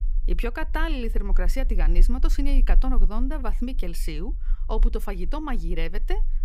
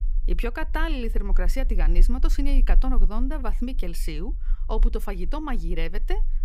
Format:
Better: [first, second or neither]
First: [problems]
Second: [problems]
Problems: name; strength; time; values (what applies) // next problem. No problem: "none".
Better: neither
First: low rumble; faint; throughout; 20 dB below the speech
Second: low rumble; faint; throughout; 20 dB below the speech